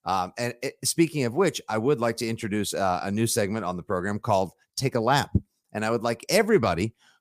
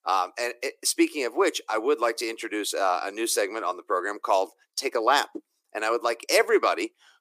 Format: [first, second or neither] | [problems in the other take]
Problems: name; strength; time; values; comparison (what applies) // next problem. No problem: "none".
first | thin; very; fading below 300 Hz